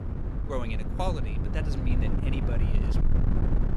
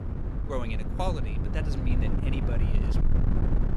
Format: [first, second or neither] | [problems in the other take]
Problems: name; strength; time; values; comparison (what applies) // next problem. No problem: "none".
neither | wind noise on the microphone; heavy; 3 dB below the speech; the same in both